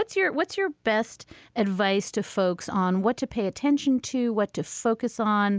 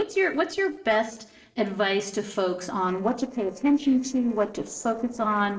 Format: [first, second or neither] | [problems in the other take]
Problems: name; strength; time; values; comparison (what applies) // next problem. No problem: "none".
first | noise reduction (neural separator model SepFormer DNS4)